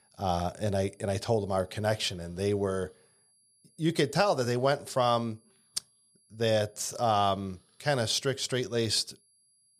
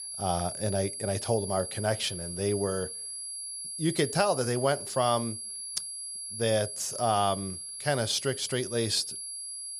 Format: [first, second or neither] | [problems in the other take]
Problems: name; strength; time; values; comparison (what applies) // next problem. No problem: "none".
first | high-pitched whine; loud; throughout; 10.5 kHz, 6 dB below the speech; faint in the first